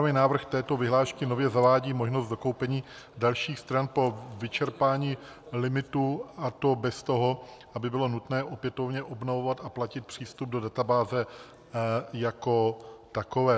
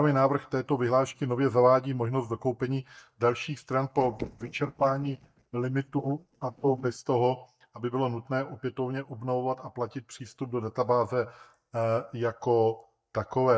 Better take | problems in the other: first | noise reduction (neural mask model DeepFilterNet 3)

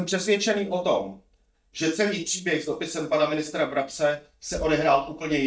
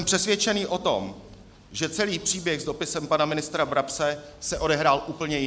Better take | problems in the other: second | noise reduction (neural mask model DeepFilterNet 3)

